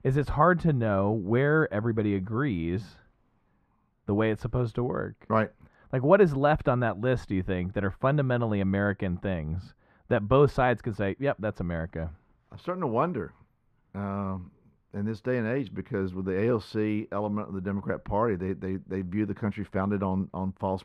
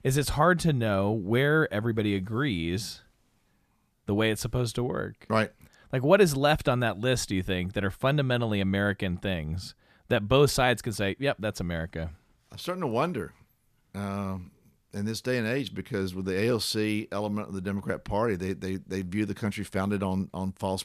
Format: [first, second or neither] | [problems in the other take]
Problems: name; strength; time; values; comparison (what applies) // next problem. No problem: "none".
second | muffled; very; fading above 3 kHz